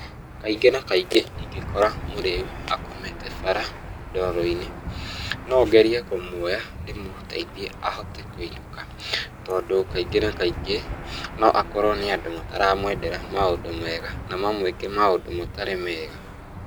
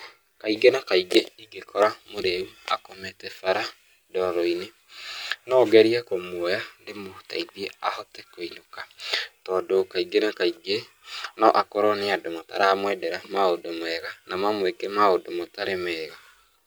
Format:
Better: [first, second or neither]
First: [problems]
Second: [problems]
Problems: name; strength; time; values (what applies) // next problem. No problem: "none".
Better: second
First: background sound (Engine / Aircraft); 10 dB below the speech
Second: none